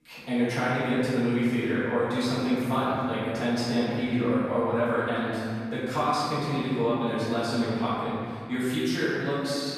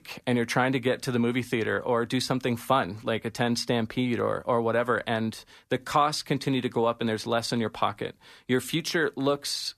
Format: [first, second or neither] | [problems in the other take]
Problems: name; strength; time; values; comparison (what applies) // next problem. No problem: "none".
second | off-mic speech; far // room echo; strong; dies away in 2.3 s